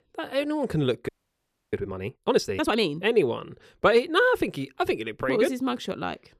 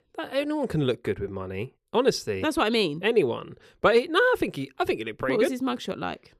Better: second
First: audio freezing; at 1 s for 0.5 s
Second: none

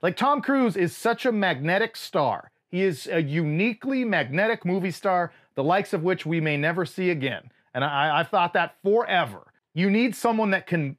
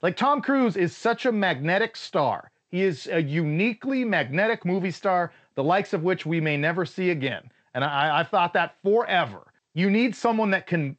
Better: first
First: none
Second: garbled, watery; slightly; nothing above 8 kHz

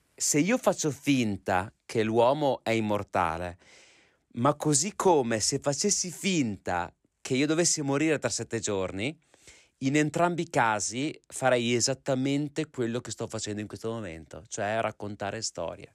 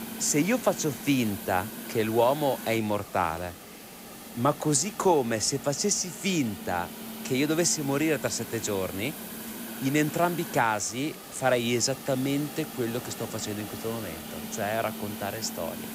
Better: first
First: none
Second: hiss; noticeable; throughout; 10 dB below the speech

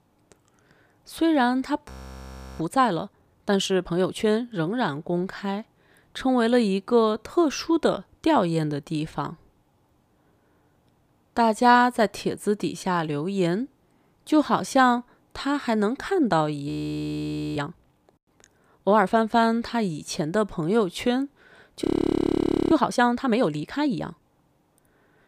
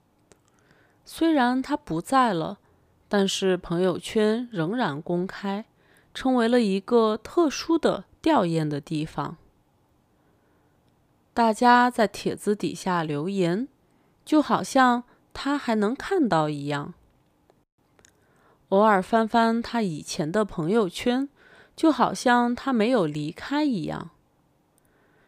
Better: second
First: audio freezing; at 2 s for 0.5 s, at 17 s for 1 s and at 22 s for 1 s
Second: none

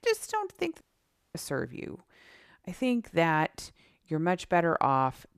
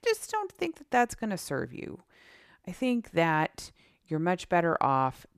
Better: second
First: audio cutting out; at 1 s for 0.5 s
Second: none

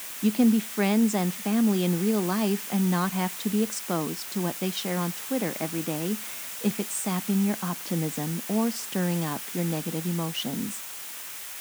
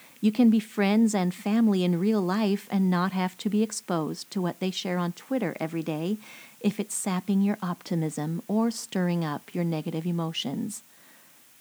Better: second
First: hiss; loud; throughout; 7 dB below the speech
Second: hiss; faint; throughout; 25 dB below the speech

